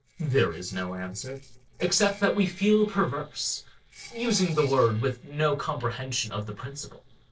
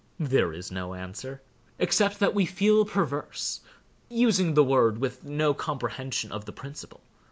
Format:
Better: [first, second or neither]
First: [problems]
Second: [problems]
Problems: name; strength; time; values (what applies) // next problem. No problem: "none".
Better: second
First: noise reduction (neural separator model SepFormer DNS4)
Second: none